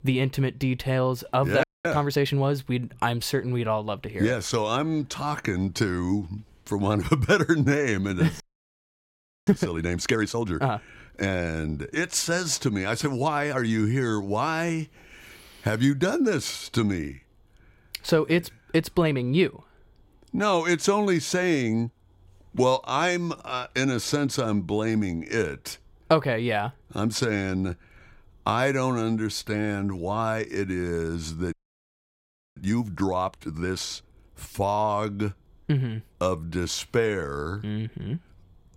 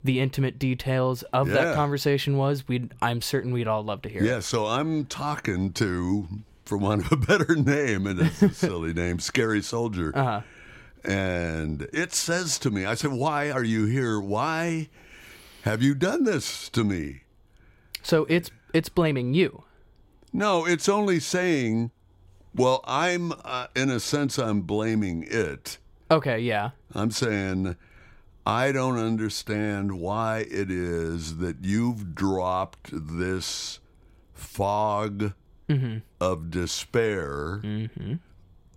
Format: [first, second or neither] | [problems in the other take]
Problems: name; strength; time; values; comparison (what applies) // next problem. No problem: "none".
second | audio freezing; at 1.5 s, at 8.5 s for 1 s and at 32 s for 1 s